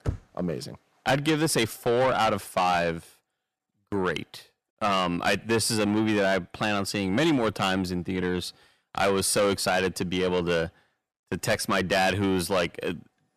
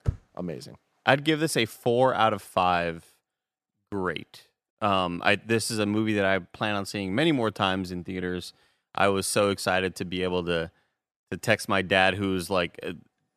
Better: second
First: distortion; heavy; 7 dB below the speech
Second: none

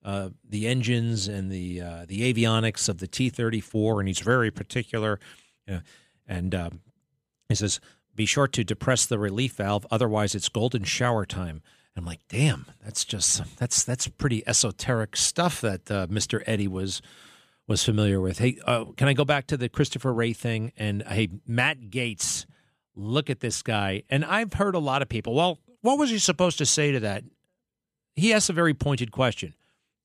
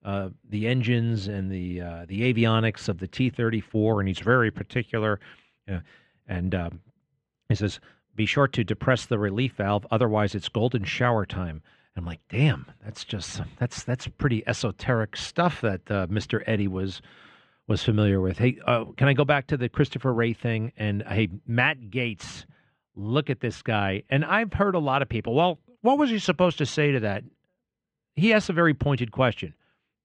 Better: first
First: none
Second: muffled; very; fading above 2.5 kHz

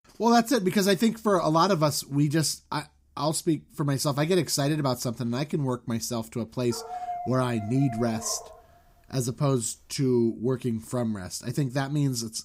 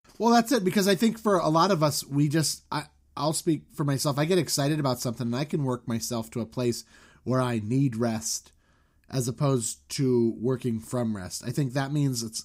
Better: second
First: dog barking; noticeable; from 6.5 to 8.5 s; peak 8 dB below the speech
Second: none

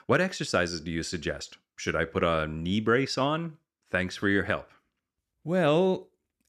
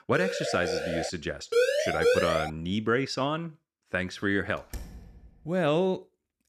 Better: first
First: none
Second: siren; noticeable; at the start; peak 2 dB below the speech // siren; loud; at 1.5 s; peak 5 dB above the speech // door banging; faint; at 4.5 s; peak 15 dB below the speech

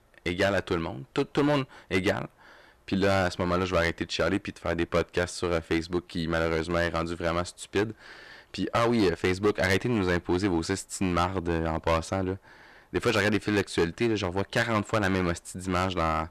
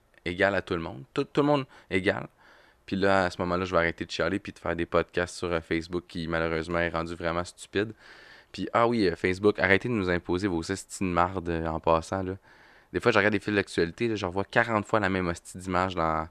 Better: second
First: distortion; heavy; 6% of the sound clipped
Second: none

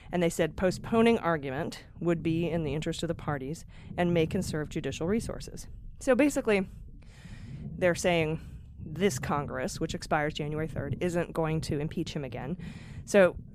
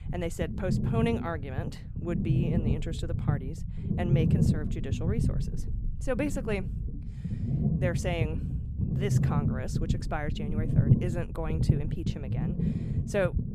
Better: first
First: low rumble; faint; throughout; 25 dB below the speech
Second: low rumble; loud; throughout; 4 dB below the speech

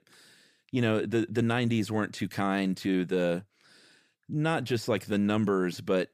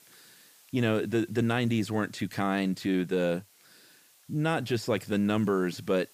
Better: first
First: none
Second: hiss; faint; throughout; 30 dB below the speech

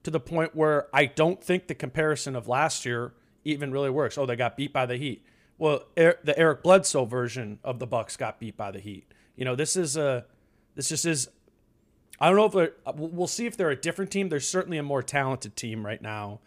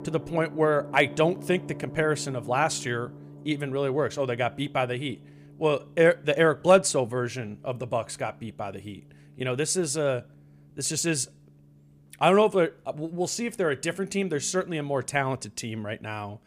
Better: first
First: none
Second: background music; noticeable; throughout; 20 dB below the speech

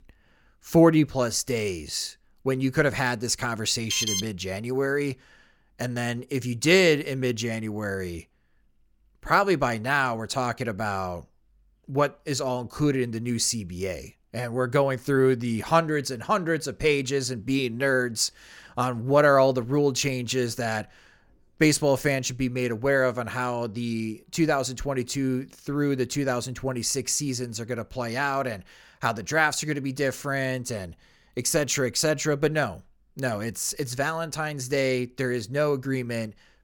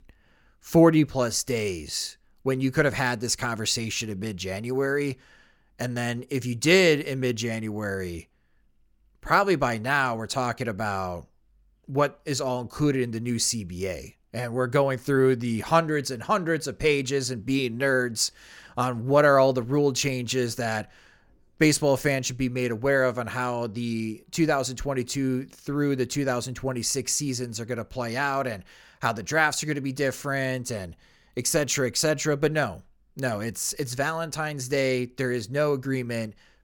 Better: second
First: alarm; loud; at 4 s; peak 1 dB above the speech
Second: none

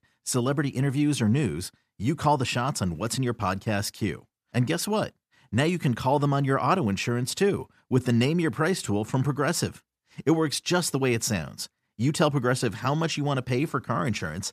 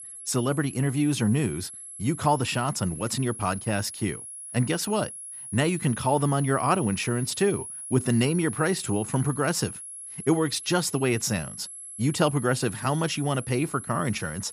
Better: first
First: none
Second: high-pitched whine; noticeable; throughout; 11 kHz, 10 dB below the speech

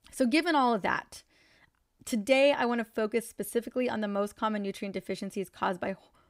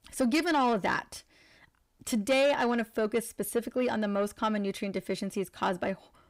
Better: first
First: none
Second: distortion; slight; 10 dB below the speech

